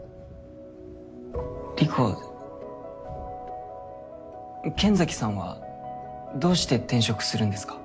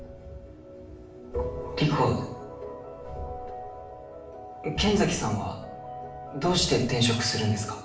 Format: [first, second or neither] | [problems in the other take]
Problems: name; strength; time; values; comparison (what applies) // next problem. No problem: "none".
first | room echo; dies away in 0.6 s